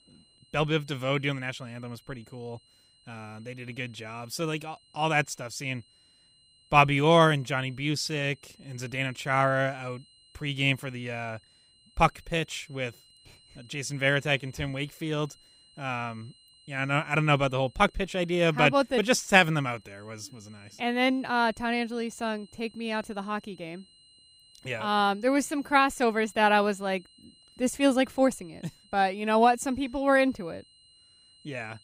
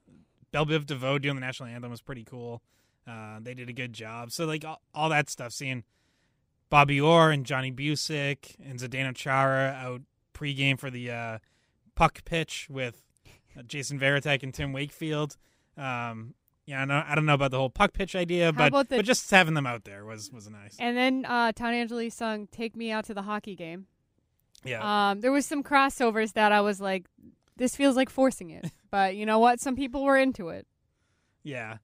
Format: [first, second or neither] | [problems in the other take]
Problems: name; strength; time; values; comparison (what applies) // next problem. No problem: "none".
second | high-pitched whine; faint; throughout; 4 kHz, 30 dB below the speech